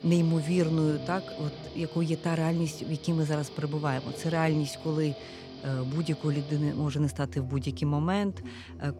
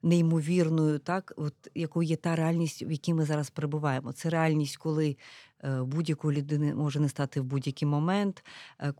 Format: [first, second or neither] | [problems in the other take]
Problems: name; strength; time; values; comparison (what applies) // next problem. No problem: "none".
second | background music; noticeable; throughout; 15 dB below the speech